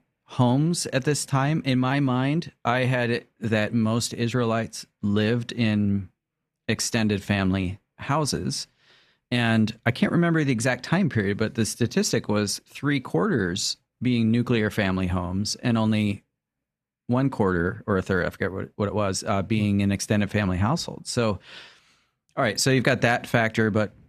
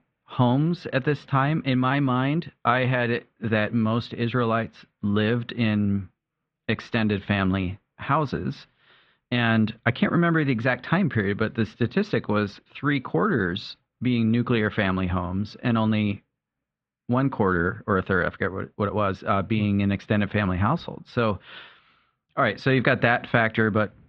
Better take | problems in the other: first | muffled; very; fading above 3.5 kHz

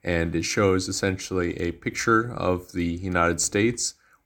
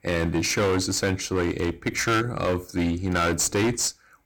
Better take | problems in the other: first | distortion; heavy; 15% of the sound clipped

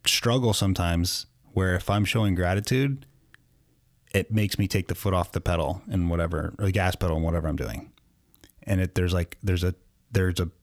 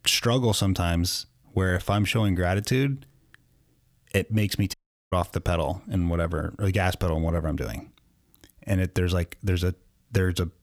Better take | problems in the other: first | audio cutting out; at 4.5 s

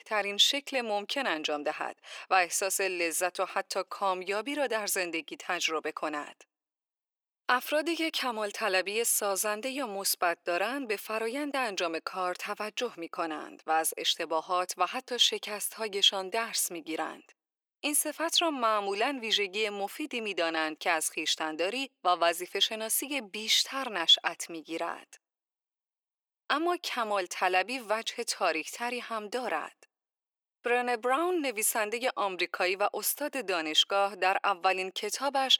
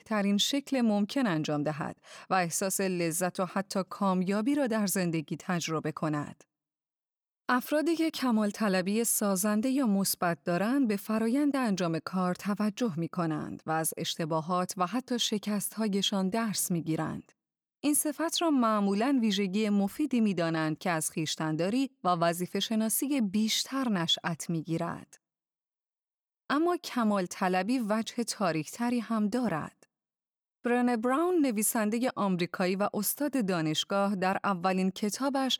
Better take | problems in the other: second | thin; very; fading below 400 Hz

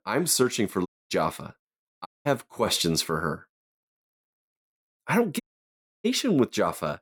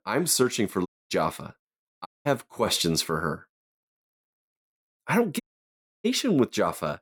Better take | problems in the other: neither | audio cutting out; at 1 s, at 2 s and at 5.5 s for 0.5 s; the same in both

